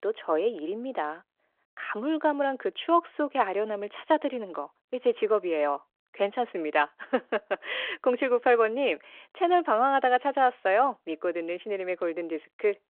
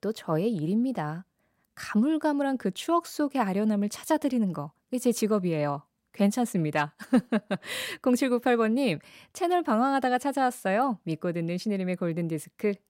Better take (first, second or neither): second